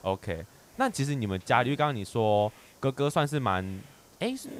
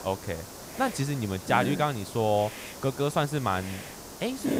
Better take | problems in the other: first | hiss; loud; throughout; 10 dB below the speech; faint in the first

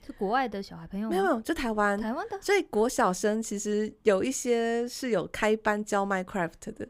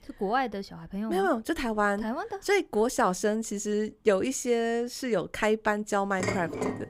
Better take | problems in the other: first | clattering dishes; noticeable; at 6 s; peak 4 dB below the speech

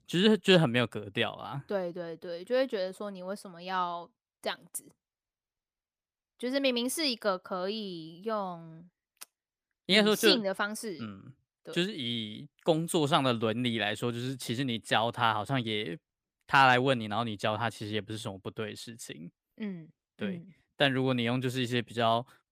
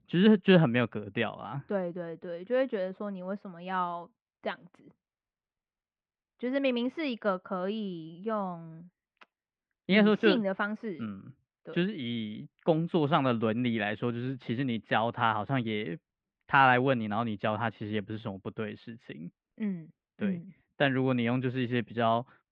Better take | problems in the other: first | muffled; very; fading above 2.5 kHz

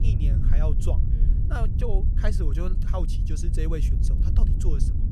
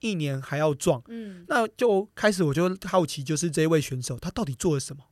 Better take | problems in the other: second | low rumble; loud; throughout; 4 dB below the speech

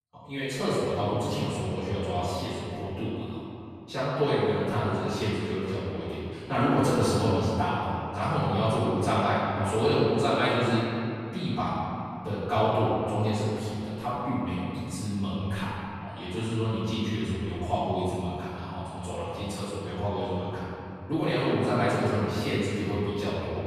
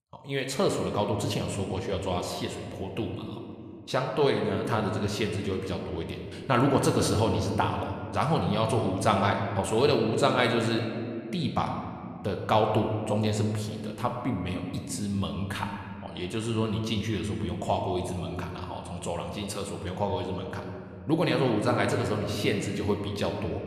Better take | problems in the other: second | room echo; strong; dies away in 2.8 s; slight in the second // off-mic speech; far

